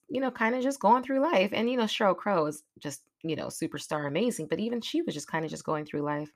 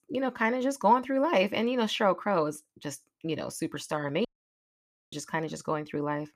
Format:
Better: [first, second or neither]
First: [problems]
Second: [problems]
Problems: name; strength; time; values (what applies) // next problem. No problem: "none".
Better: first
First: none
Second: audio cutting out; at 4.5 s for 1 s